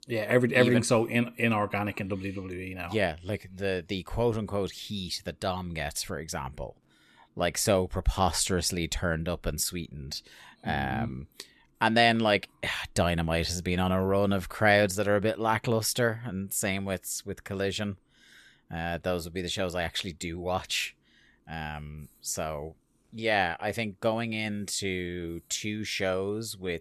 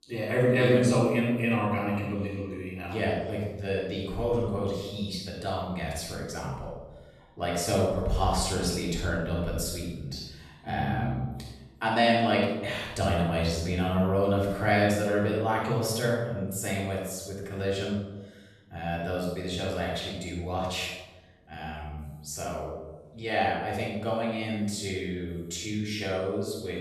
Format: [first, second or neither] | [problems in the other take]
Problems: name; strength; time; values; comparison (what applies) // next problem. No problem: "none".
first | room echo; strong; dies away in 1 s // off-mic speech; far